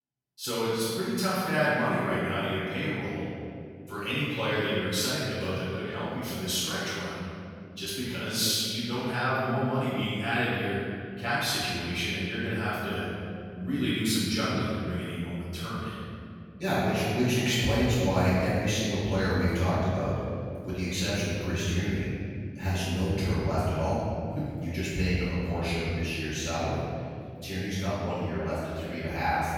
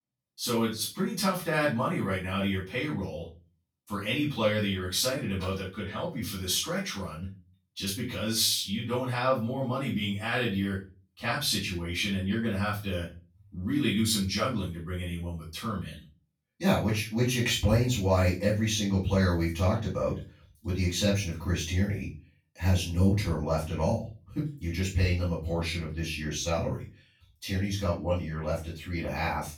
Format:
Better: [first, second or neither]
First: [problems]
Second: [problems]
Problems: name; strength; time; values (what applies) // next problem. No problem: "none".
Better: second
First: room echo; strong; dies away in 2.5 s // off-mic speech; far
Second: room echo; slight; dies away in 0.3 s // off-mic speech; far